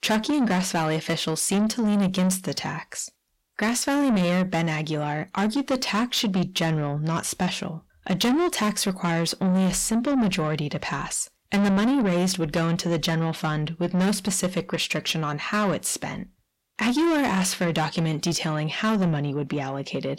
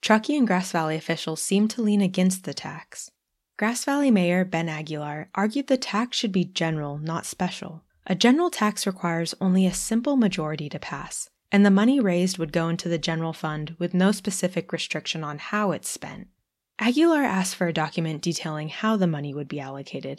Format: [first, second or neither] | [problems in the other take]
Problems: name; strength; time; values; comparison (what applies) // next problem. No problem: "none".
second | distortion; heavy; 7 dB below the speech